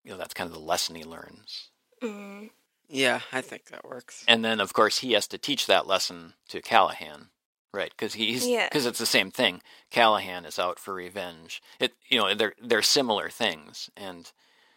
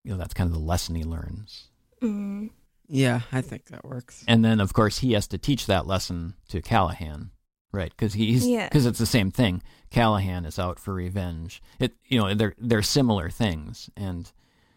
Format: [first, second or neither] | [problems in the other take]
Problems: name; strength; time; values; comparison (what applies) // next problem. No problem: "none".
second | thin; very; fading below 500 Hz